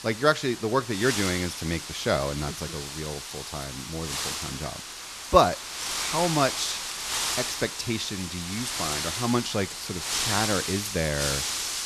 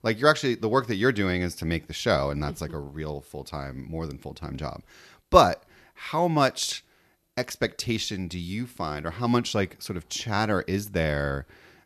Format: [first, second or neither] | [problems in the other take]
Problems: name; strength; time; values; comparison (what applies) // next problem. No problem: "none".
second | wind noise on the microphone; heavy; 3 dB below the speech